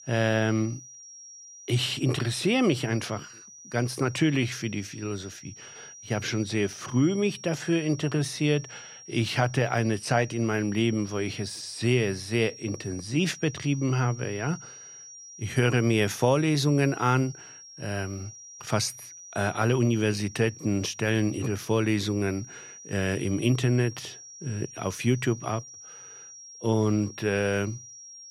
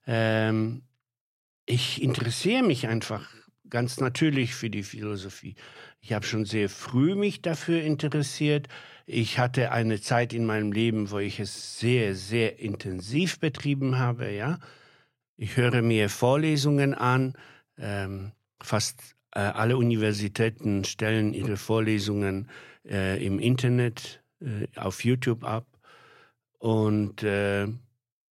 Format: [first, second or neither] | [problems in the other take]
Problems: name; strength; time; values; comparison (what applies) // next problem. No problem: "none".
second | high-pitched whine; noticeable; throughout; 5.5 kHz, 15 dB below the speech